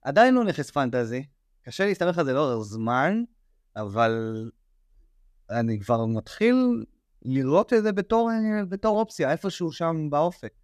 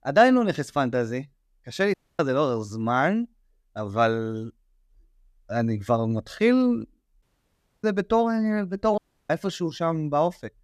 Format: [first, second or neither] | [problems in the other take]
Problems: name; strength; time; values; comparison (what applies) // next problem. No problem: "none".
first | audio cutting out; at 2 s, at 7 s for 0.5 s and at 9 s